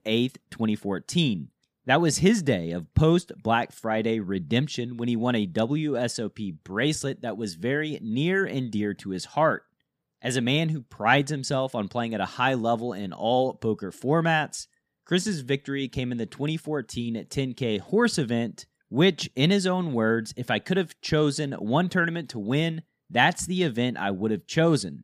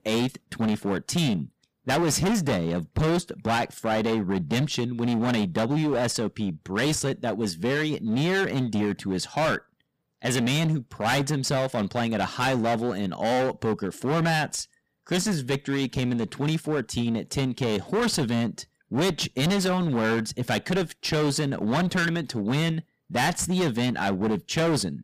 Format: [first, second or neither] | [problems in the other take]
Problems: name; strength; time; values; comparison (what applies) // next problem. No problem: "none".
first | distortion; heavy; 24% of the sound clipped